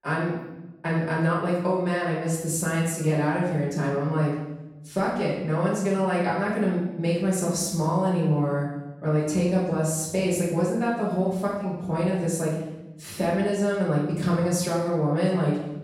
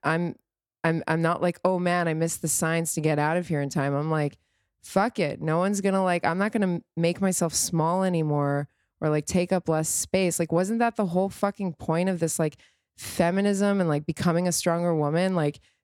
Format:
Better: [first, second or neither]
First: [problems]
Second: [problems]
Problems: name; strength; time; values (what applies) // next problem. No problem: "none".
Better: second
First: room echo; noticeable; dies away in 0.9 s // off-mic speech; far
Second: none